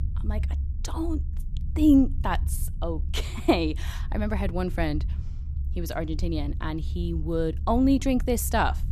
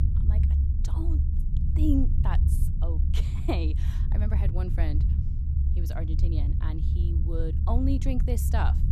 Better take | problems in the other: first | low rumble; loud; throughout; 6 dB below the speech; faint in the first

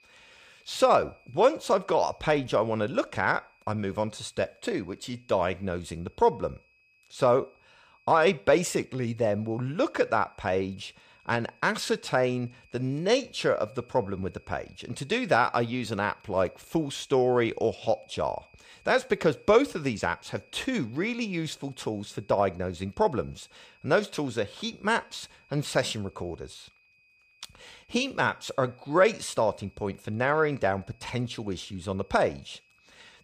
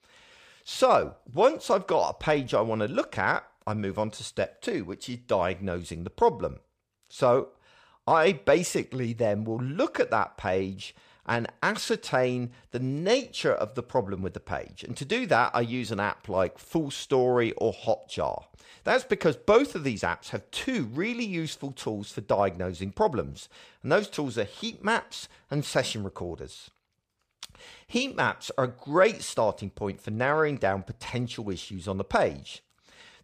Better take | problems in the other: second | high-pitched whine; faint; throughout; 2.5 kHz, 30 dB below the speech

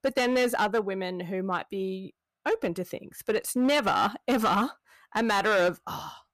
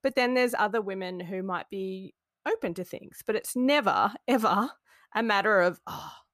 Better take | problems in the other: second | distortion; slight; 7% of the sound clipped

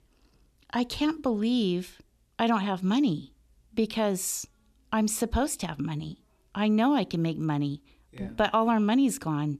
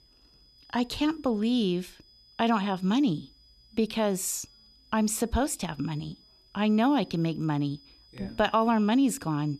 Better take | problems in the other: first | high-pitched whine; faint; throughout; 5 kHz, 30 dB below the speech

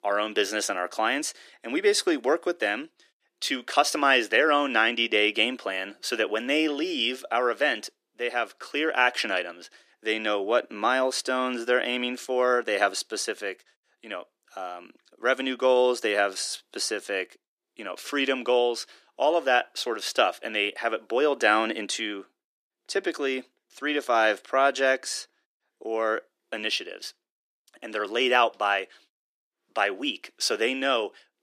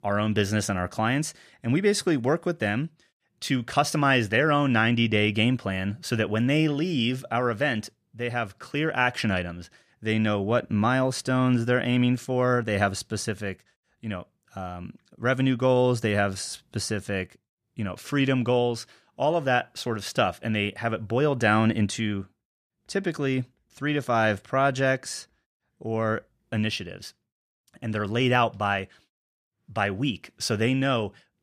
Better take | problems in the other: second | thin; somewhat; fading below 300 Hz

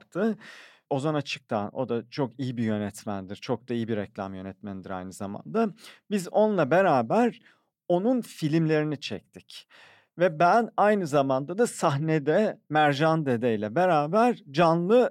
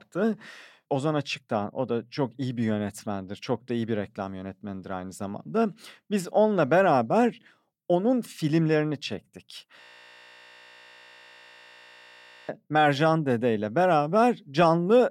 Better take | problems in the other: first | audio freezing; at 10 s for 2.5 s

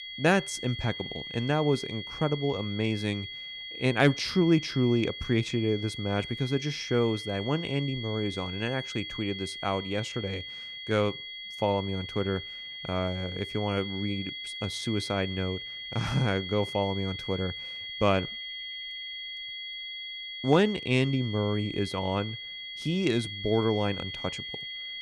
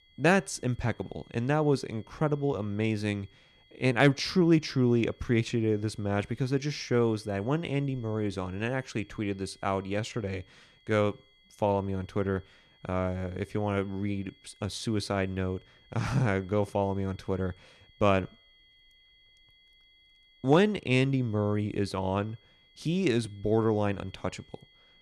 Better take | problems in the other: second | high-pitched whine; loud; throughout; 3.5 kHz, 7 dB below the speech; faint in the second

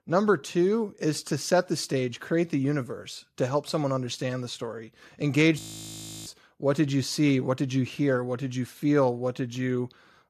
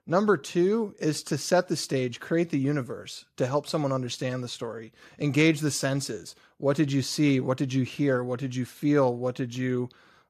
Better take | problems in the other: second | audio freezing; at 5.5 s for 0.5 s

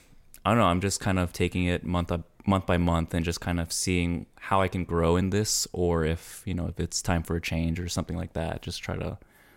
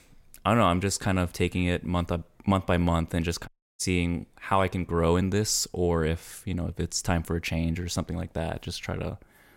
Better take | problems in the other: first | audio cutting out; at 3.5 s

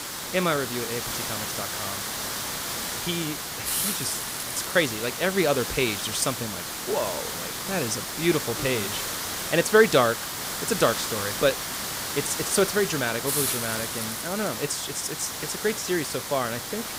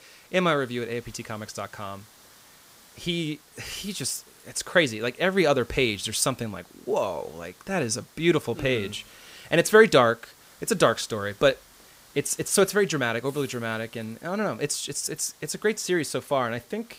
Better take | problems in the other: second | hiss; loud; throughout; 2 dB below the speech; faint in the second

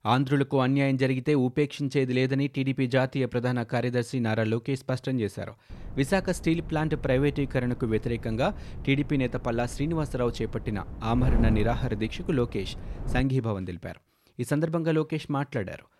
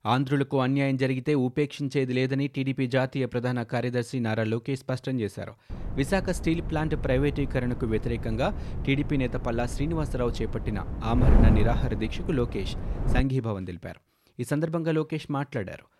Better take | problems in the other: first | wind noise on the microphone; heavy; from 5.5 to 13 s; 10 dB below the speech; occasional gusts in the first

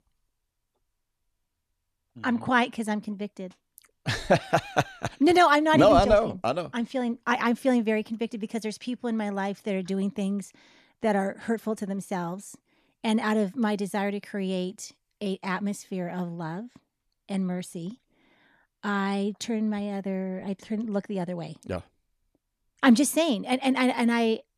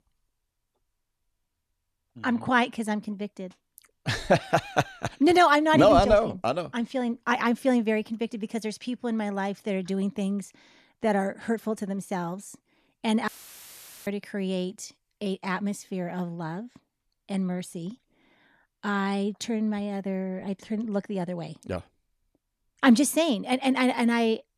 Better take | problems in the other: first | audio cutting out; filled with static; at 13 s for 1 s

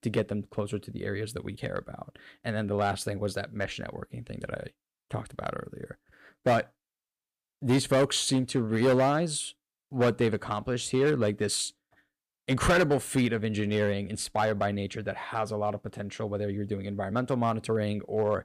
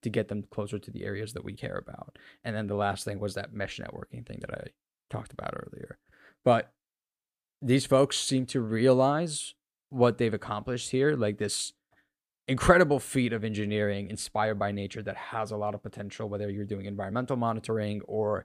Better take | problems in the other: second | distortion; slight; 3% of the sound clipped

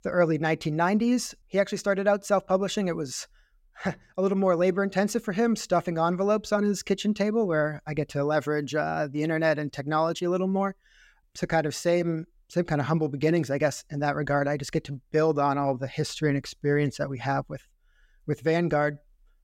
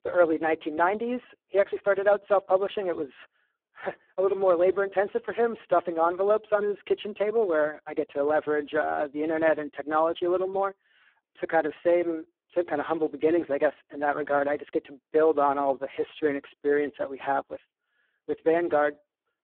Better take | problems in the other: first | phone-call audio; poor line

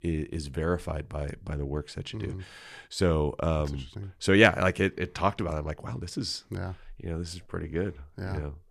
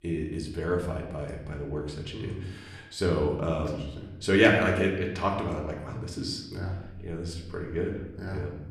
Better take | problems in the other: first | room echo; slight; dies away in 0.8 s // off-mic speech; somewhat distant

